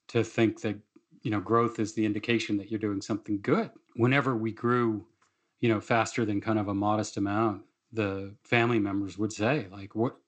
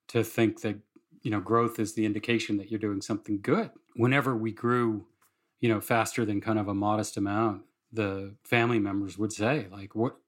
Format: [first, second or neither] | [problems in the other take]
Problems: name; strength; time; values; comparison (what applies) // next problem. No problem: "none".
second | garbled, watery; slightly; nothing above 8 kHz